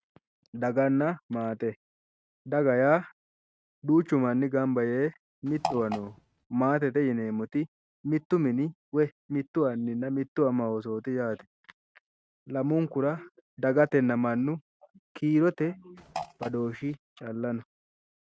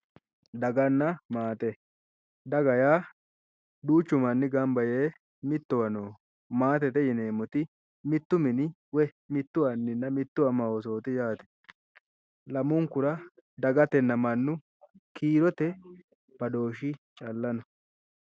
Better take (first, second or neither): second